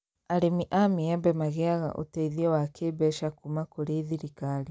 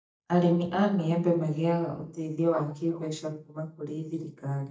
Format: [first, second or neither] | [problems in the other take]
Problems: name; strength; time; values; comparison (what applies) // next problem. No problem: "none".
first | noise reduction (neural mask model DeepFilterNet 3)